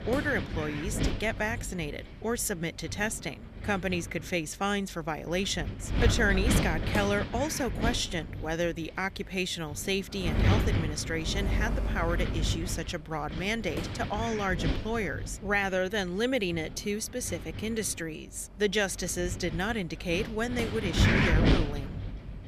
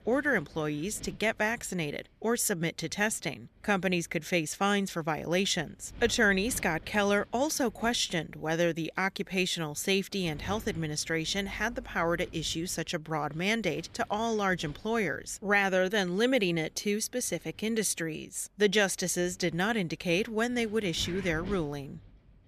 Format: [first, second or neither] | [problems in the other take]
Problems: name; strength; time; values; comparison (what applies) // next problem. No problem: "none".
second | wind noise on the microphone; heavy; 4 dB below the speech; occasional gusts in the second